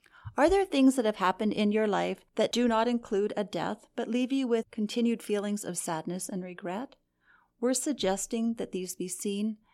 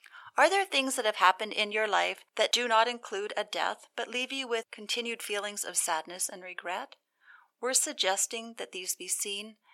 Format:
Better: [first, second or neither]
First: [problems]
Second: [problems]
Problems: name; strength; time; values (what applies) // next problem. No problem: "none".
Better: first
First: none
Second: thin; very; fading below 850 Hz